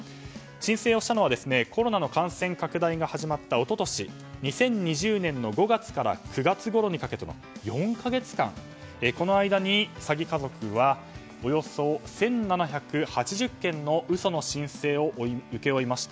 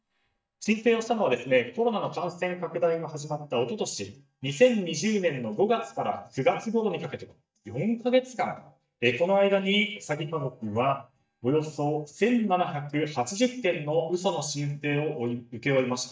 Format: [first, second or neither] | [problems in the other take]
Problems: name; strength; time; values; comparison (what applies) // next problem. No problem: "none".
first | noise reduction (neural mask model DeepFilterNet 3)